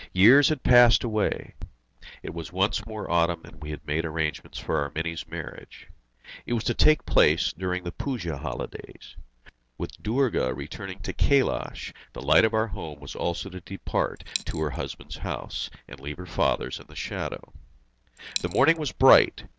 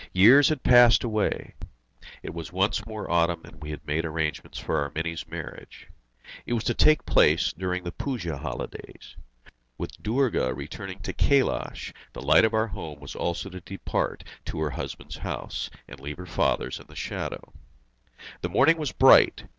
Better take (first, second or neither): second